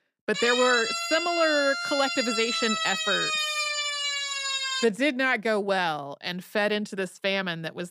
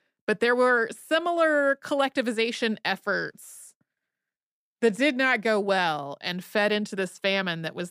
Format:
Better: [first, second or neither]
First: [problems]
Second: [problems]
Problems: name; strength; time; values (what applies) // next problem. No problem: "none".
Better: second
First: siren; loud; until 5 s; peak 2 dB above the speech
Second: none